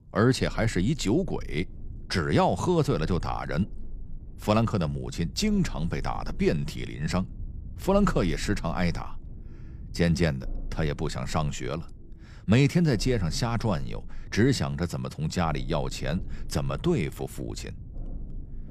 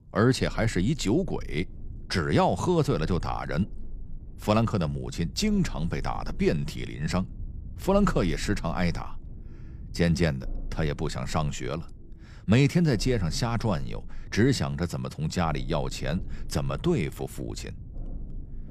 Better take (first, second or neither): neither